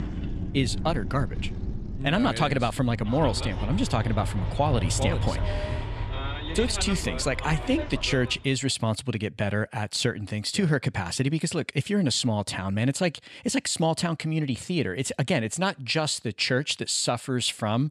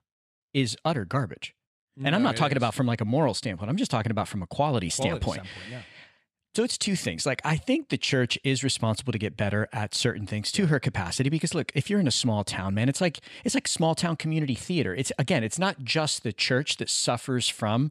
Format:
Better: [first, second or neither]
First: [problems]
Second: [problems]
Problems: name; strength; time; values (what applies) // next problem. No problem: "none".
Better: second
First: traffic noise; loud; until 8 s; 6 dB below the speech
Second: none